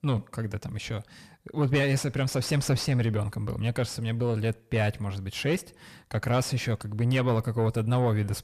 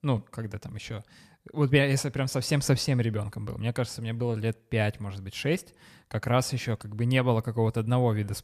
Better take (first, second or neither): second